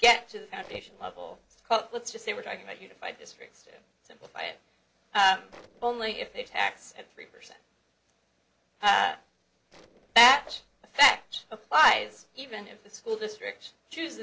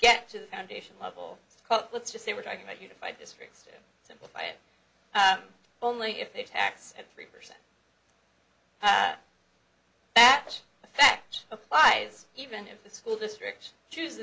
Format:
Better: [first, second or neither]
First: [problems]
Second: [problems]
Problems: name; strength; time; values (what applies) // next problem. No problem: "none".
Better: second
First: noise reduction (neural separator model SepFormer DNS4)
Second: none